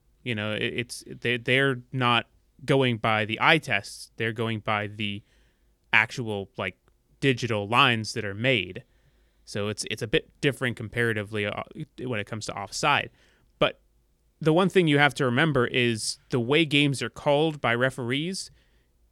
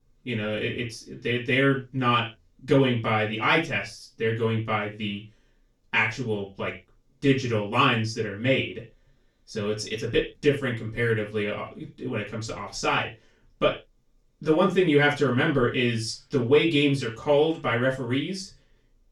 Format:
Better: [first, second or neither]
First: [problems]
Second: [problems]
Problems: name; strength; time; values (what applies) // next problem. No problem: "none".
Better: first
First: none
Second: room echo; slight; dies away in 0.2 s // off-mic speech; far